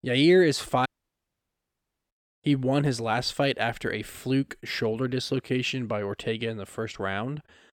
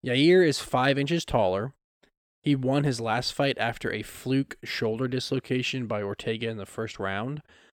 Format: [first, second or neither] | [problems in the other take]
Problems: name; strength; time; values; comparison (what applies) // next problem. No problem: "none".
second | audio cutting out; at 1 s for 1.5 s